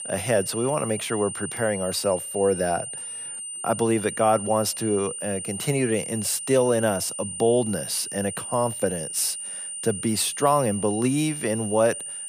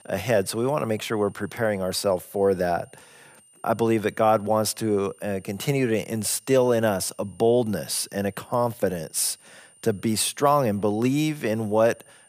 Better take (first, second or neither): second